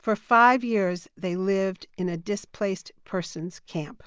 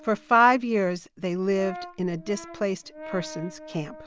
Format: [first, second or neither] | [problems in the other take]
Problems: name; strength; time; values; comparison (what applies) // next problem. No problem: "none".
first | background sound (Brass instrument); 17 dB below the speech